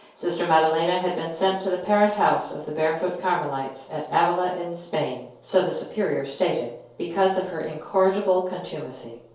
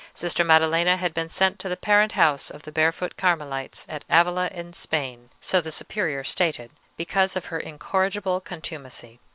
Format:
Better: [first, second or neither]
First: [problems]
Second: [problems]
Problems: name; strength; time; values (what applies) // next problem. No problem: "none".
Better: second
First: room echo; dies away in 2.4 s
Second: none